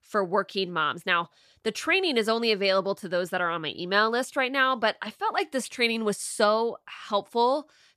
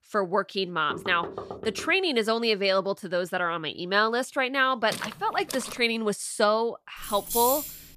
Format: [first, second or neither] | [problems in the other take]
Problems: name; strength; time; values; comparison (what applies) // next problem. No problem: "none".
first | door banging; faint; at 1 s; peak 10 dB below the speech // footsteps; noticeable; at 5 s; peak 10 dB below the speech // jangling keys; noticeable; at 7 s; peak level with the speech